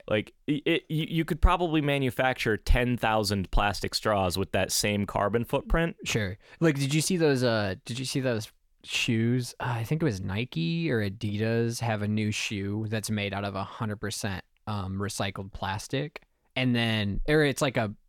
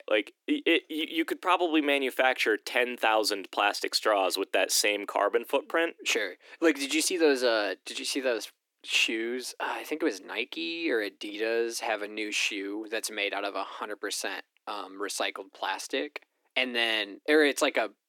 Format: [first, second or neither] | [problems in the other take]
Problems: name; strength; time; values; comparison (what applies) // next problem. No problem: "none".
first | thin; somewhat; fading below 300 Hz